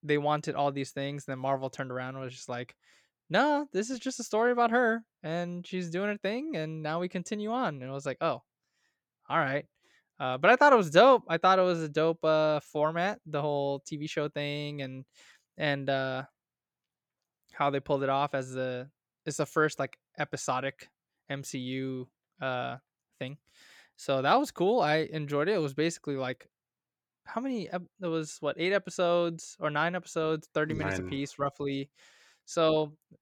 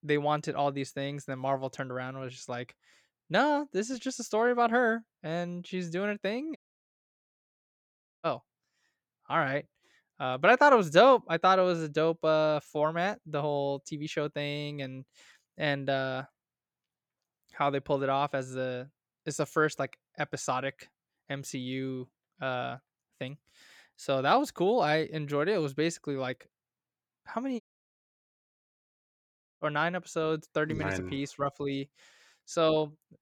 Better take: first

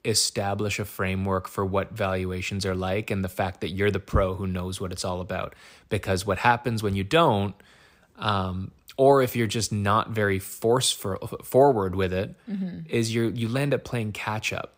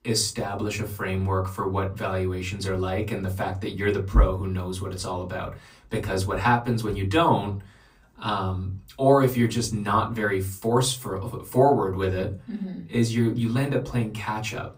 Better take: first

